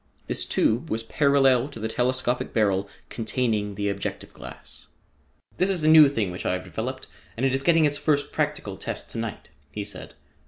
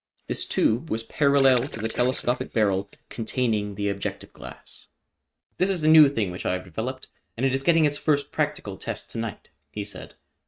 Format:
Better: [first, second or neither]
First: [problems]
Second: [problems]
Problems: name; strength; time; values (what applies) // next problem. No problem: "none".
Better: first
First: none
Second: noise reduction (neural mask model RNNoise)